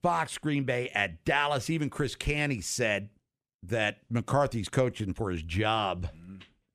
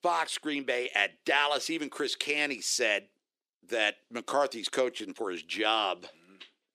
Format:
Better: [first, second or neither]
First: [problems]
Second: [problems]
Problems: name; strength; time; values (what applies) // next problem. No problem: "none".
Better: first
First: none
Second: thin; somewhat; fading below 350 Hz